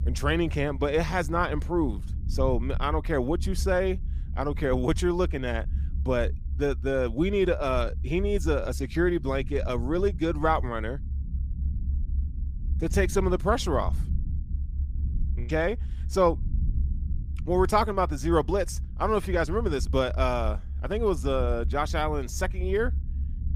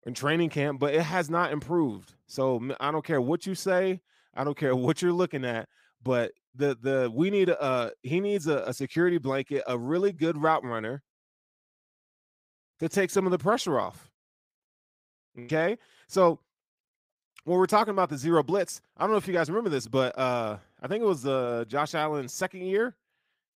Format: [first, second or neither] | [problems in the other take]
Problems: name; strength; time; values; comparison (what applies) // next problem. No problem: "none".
second | low rumble; faint; throughout; 20 dB below the speech